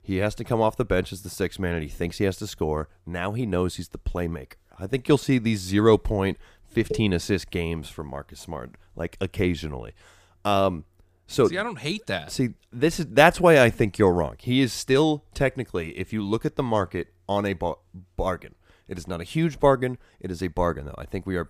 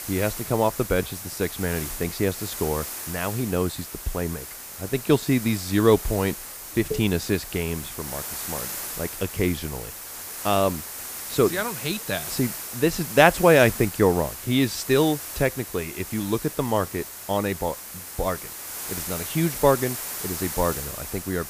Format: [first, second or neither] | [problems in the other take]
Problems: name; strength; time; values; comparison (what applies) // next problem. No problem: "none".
first | hiss; loud; throughout; 8 dB below the speech